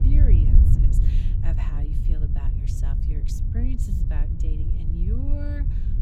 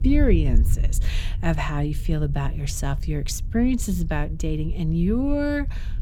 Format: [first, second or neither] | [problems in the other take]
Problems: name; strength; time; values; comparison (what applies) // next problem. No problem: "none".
second | wind noise on the microphone; heavy; 2 dB above the speech; occasional gusts in the second